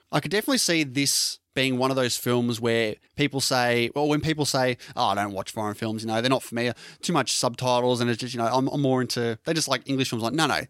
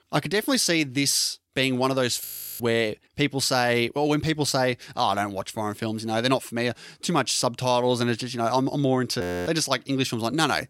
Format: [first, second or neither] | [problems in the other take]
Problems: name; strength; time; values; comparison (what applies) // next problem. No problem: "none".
first | audio freezing; at 2.5 s and at 9 s